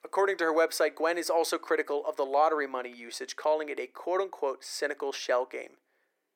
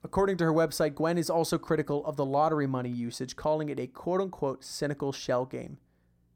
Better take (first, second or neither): second